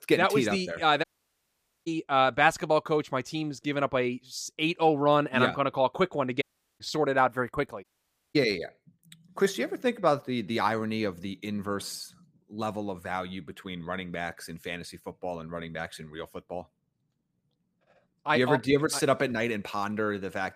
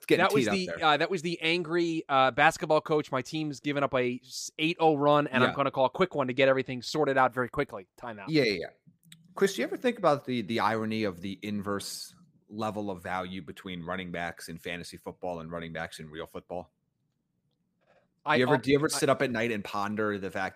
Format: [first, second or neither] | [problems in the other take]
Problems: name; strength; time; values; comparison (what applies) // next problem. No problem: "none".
second | audio cutting out; at 1 s for 1 s, at 6.5 s and at 8 s for 0.5 s